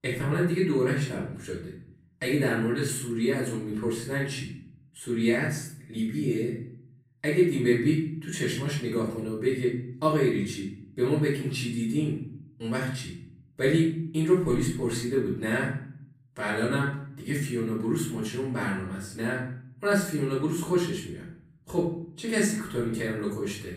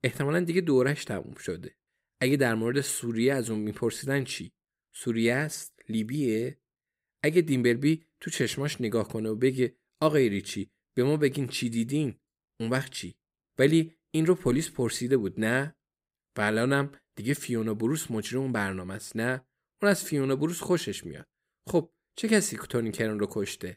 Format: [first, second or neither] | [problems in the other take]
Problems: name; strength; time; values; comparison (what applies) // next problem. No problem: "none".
second | off-mic speech; far // room echo; noticeable; dies away in 0.6 s